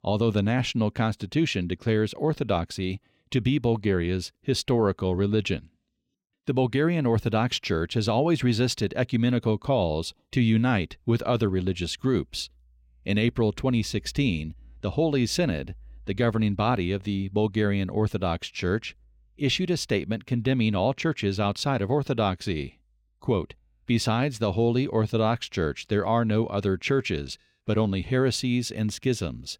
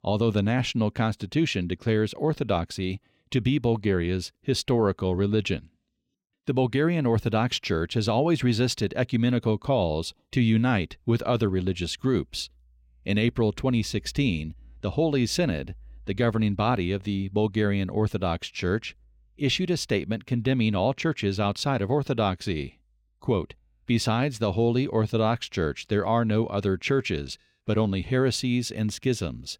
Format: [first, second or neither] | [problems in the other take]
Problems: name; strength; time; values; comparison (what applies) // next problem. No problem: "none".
neither | none